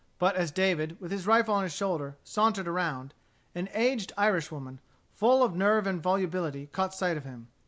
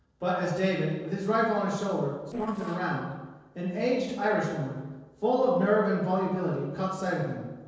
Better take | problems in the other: first | noise reduction (neural separator model SepFormer DNS4)

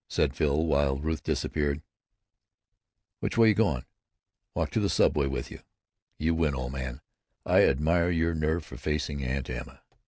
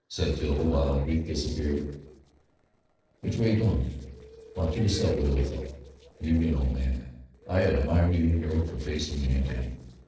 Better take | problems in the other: first | noise reduction (neural separator model SepFormer DNS4)

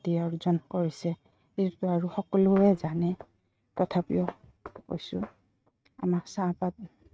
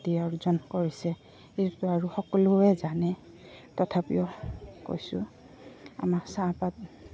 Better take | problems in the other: second | noise reduction (neural mask model RNNoise)

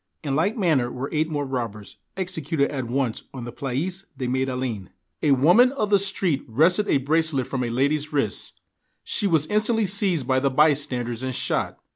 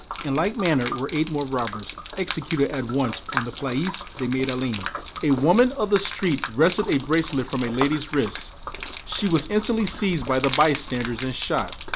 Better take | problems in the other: first | background sound (Gurgling / Liquid); 10 dB below the speech

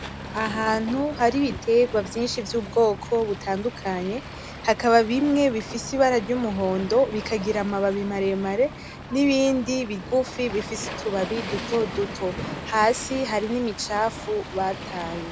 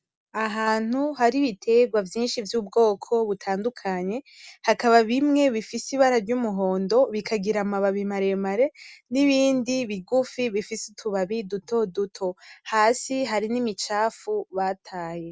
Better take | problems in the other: second | background sound (Waves, surf); 12 dB below the speech

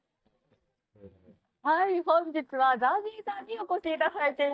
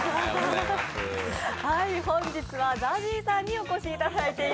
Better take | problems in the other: second | noise reduction (neural mask model DeepFilterNet 3)

